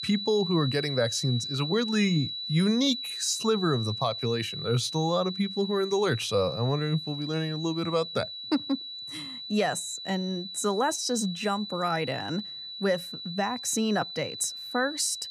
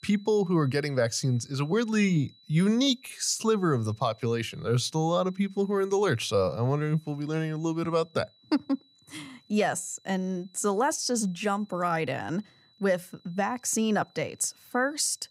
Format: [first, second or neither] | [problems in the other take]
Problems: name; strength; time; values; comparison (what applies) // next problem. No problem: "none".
second | high-pitched whine; loud; throughout; 4 kHz, 7 dB below the speech; faint in the second